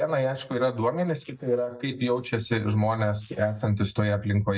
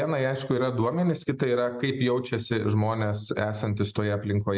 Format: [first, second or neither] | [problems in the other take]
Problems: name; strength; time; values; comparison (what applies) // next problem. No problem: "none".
second | noise reduction (neural mask model DeepFilterNet 3)